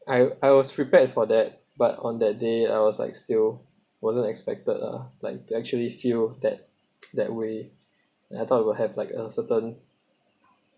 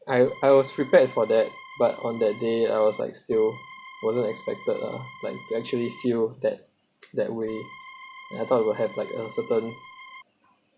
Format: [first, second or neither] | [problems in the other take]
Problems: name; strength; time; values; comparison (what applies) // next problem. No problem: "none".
first | background sound (Organ); 18 dB below the speech